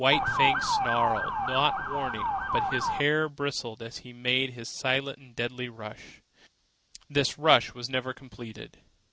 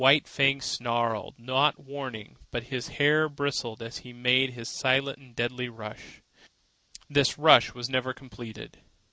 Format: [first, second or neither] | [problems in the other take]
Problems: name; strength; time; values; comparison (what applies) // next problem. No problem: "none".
second | background sound (Motor vehicle (road) / Siren); 2 dB above the speech